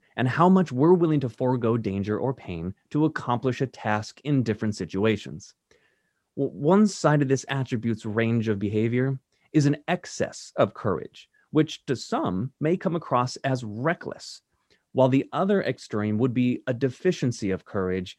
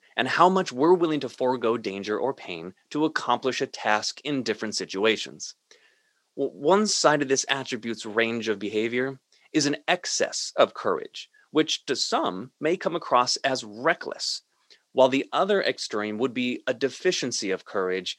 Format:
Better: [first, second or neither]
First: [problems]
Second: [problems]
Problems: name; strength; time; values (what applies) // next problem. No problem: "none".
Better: first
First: none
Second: thin; somewhat; fading below 350 Hz